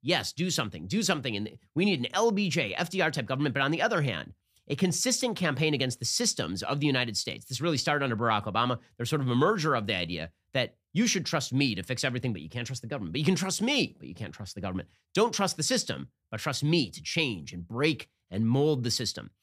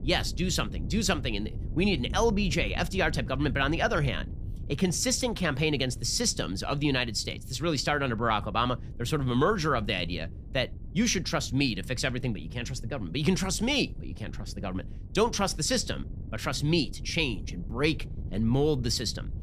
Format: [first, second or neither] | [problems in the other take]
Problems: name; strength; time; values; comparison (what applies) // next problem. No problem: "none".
first | wind noise on the microphone; occasional gusts; 25 dB below the speech